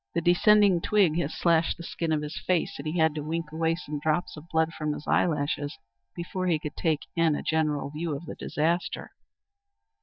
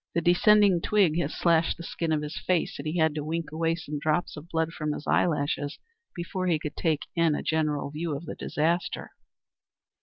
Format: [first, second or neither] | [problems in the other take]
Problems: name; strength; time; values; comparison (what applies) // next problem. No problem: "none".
second | noise reduction (neural mask model DeepFilterNet 3)